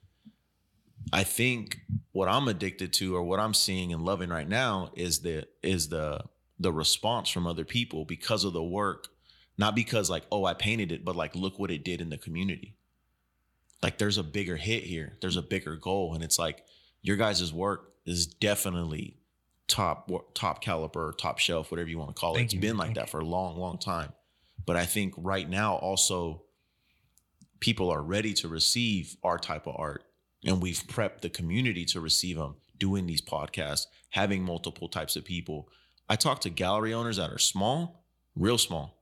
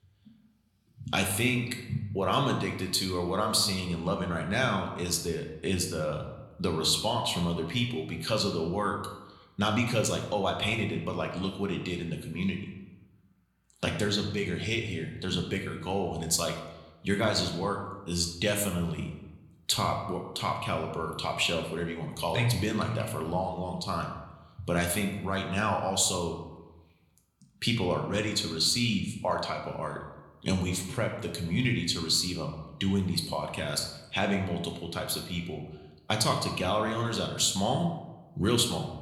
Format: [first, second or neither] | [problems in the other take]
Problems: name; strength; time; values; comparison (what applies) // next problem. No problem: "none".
first | room echo; slight; dies away in 0.8 s